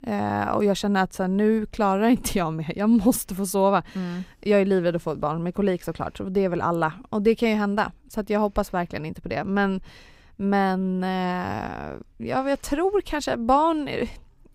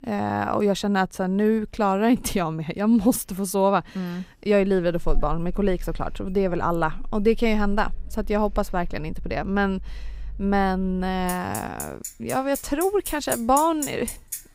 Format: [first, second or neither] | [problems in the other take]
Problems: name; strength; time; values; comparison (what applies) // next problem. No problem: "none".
first | traffic noise; noticeable; throughout; 10 dB below the speech